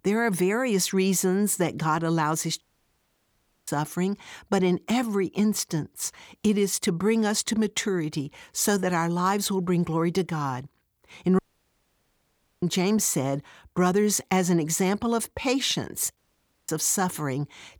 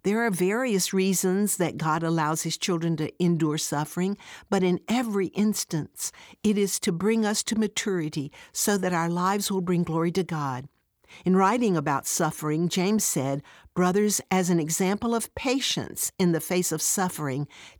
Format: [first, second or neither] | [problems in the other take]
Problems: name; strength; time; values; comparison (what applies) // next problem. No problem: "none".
second | audio cutting out; at 2.5 s for 1 s, at 11 s for 1 s and at 16 s for 0.5 s